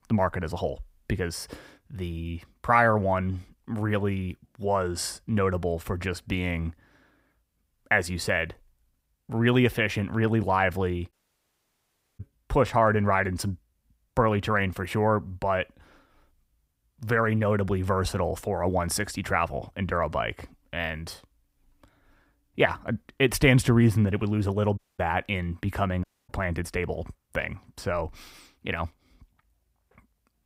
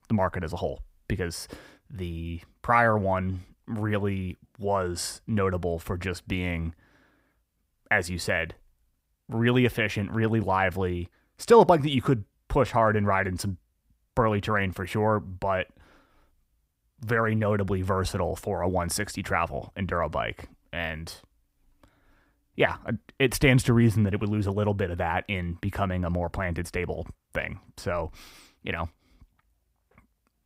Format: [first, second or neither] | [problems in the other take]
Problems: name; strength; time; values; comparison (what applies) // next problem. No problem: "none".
second | audio cutting out; at 11 s for 1 s, at 25 s and at 26 s